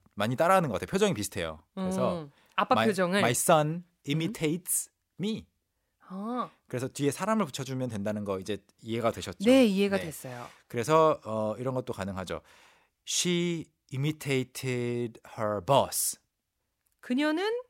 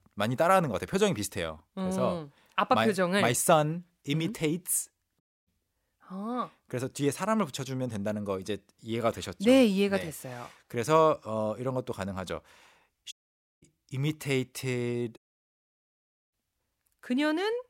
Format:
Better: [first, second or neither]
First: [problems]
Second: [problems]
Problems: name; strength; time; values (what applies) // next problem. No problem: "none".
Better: first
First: none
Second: audio cutting out; at 5 s, at 13 s for 0.5 s and at 15 s for 1 s